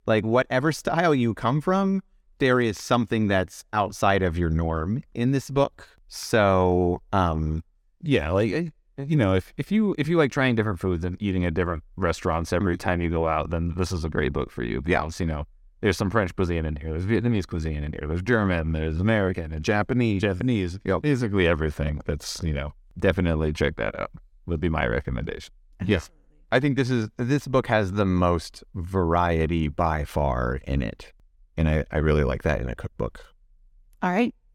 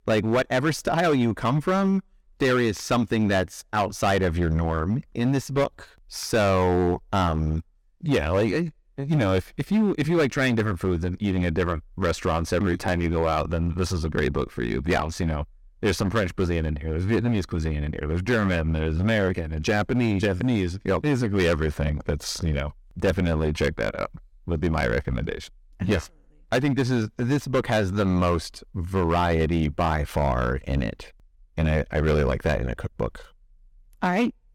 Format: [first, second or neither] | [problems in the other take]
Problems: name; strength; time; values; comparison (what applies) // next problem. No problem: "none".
first | distortion; slight; 8% of the sound clipped